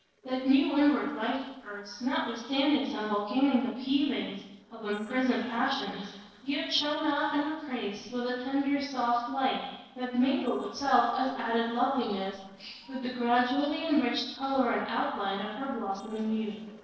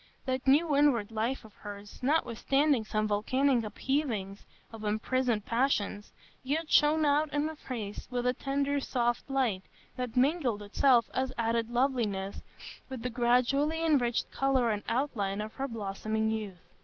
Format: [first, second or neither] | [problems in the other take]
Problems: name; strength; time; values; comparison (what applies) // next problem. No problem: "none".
second | noise reduction (neural separator model SepFormer DNS4)